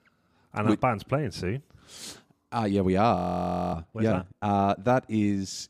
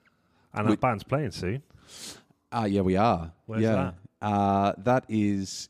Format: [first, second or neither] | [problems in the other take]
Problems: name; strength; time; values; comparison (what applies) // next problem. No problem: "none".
second | audio freezing; at 3 s for 0.5 s